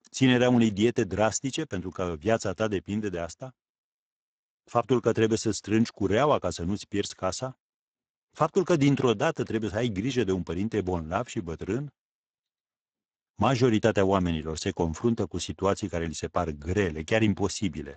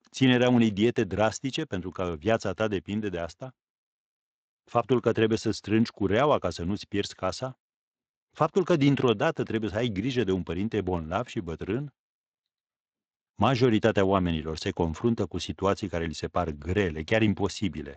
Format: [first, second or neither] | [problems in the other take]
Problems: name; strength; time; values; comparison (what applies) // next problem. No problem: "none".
second | garbled, watery; badly; nothing above 7.5 kHz; slightly in the second